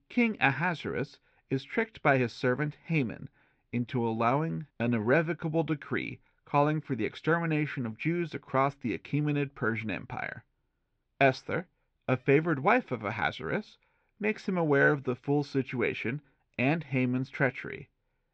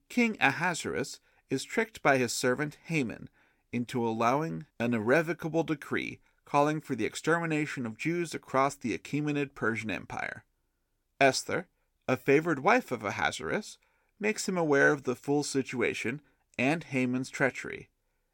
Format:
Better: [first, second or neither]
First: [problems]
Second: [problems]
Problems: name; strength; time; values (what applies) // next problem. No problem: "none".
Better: second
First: muffled; slightly; fading above 4 kHz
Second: none